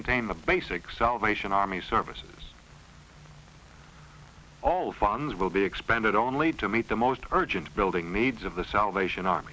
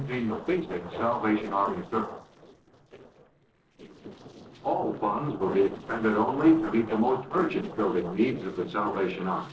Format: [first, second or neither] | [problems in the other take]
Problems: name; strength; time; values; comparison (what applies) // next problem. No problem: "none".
first | noise reduction (neural separator model SepFormer DNS4)